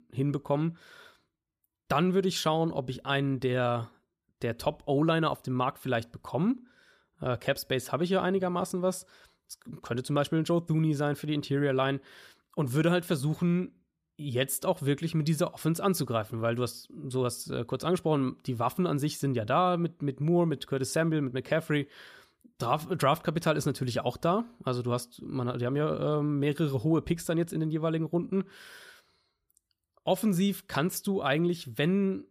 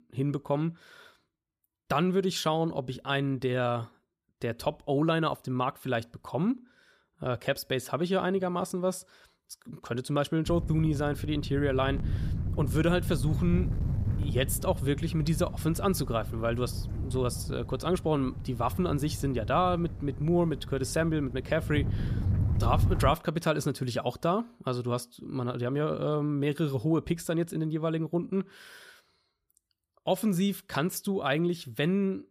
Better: first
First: none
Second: wind noise on the microphone; occasional gusts; from 10 to 23 s; 15 dB below the speech

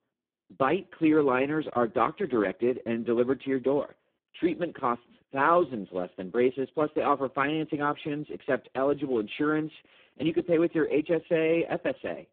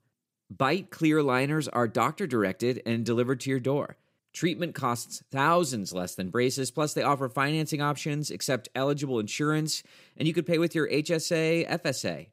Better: second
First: phone-call audio; poor line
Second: none

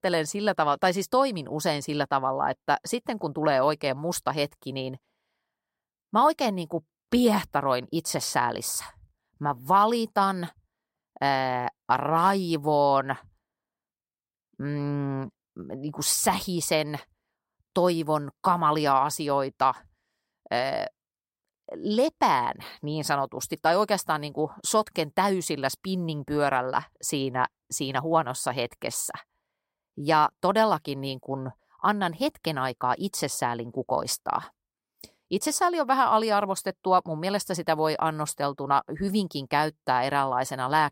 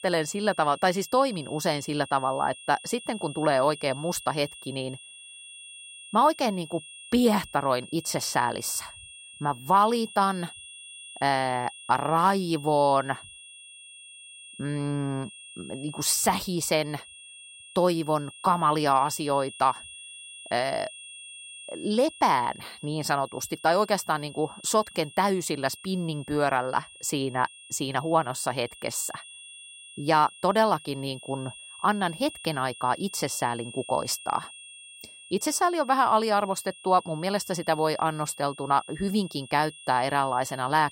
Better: first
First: none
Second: high-pitched whine; noticeable; throughout; 3.5 kHz, 15 dB below the speech

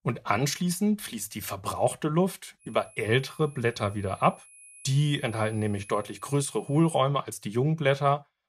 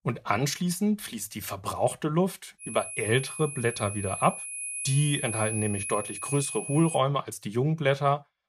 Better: first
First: high-pitched whine; faint; from 2.5 to 7 s; 10.5 kHz, 20 dB below the speech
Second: high-pitched whine; loud; from 2.5 to 7 s; 10.5 kHz, 6 dB below the speech

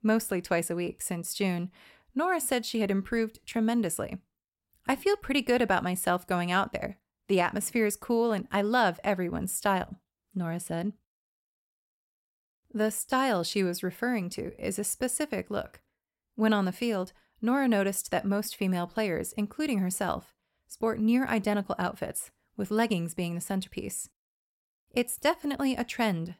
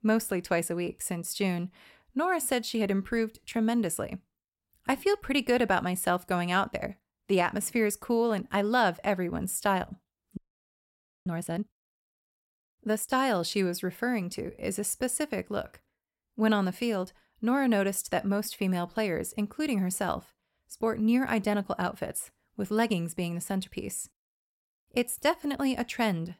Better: first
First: none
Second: audio freezing; at 10 s for 1 s

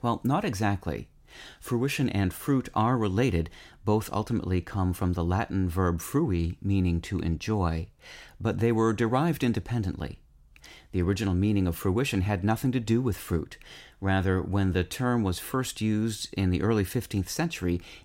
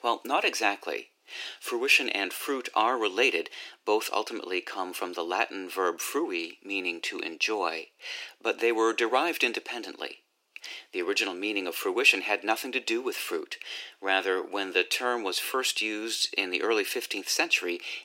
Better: first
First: none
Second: thin; very; fading below 350 Hz

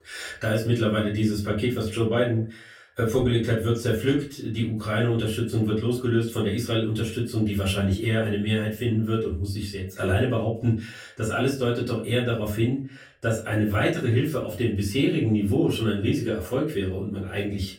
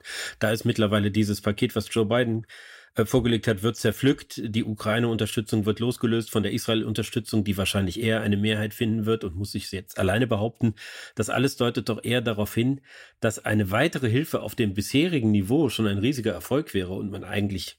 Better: second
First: off-mic speech; far // room echo; slight; dies away in 0.3 s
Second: none

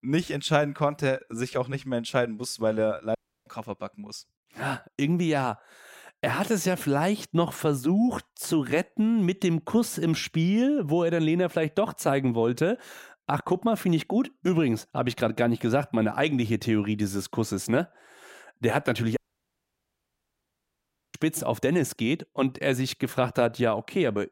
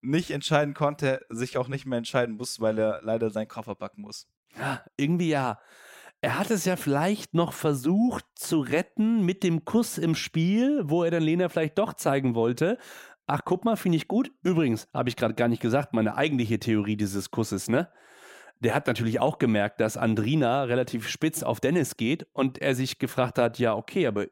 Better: second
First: audio cutting out; at 3 s and at 19 s for 2 s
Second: none

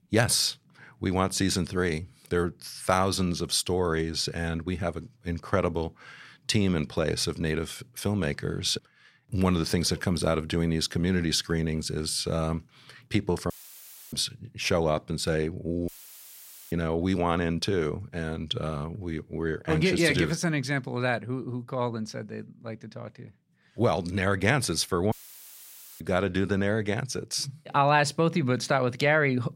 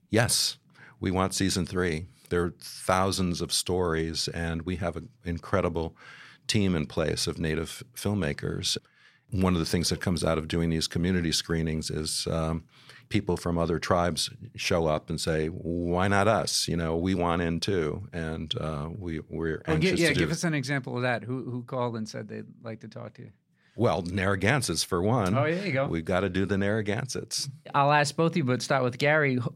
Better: second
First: audio cutting out; filled with static; at 14 s for 0.5 s, at 16 s for 1 s and at 25 s for 1 s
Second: none

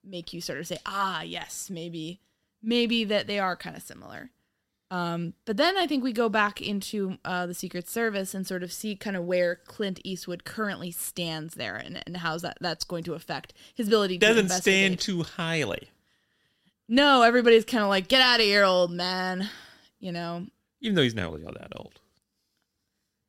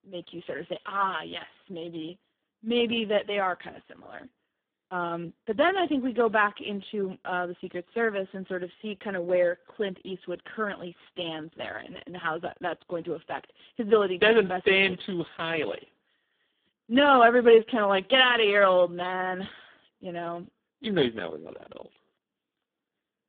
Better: first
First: none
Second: phone-call audio; poor line

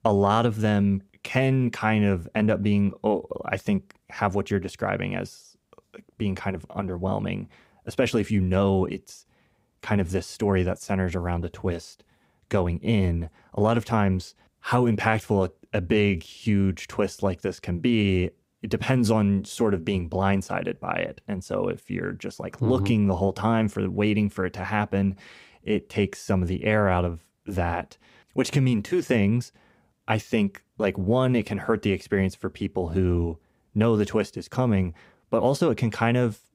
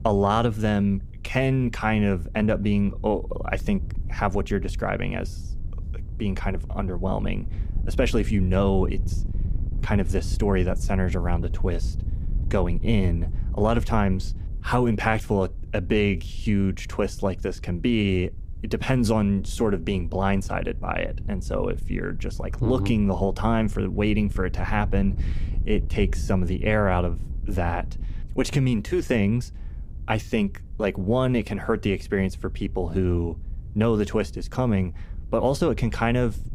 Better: first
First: none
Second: wind noise on the microphone; occasional gusts; 20 dB below the speech

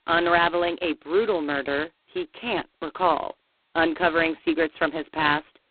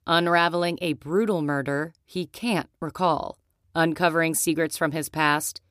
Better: second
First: phone-call audio; poor line; nothing above 4 kHz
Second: none

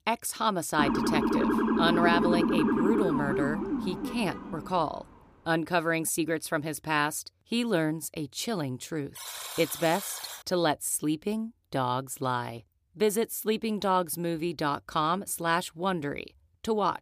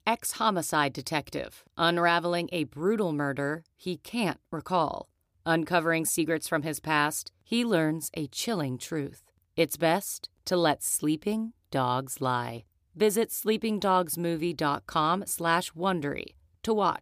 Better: second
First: siren; loud; from 1 to 4.5 s; peak 4 dB above the speech // alarm; noticeable; from 9 to 10 s; peak 7 dB below the speech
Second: none

